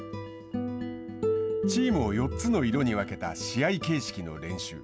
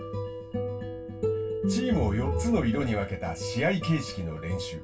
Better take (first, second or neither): first